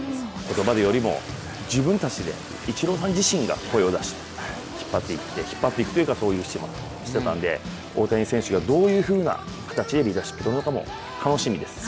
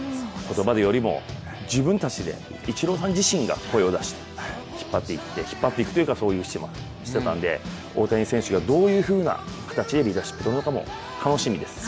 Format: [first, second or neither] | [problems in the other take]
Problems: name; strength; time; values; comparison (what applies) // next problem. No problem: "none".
second | background sound (Toilet flush); 17 dB below the speech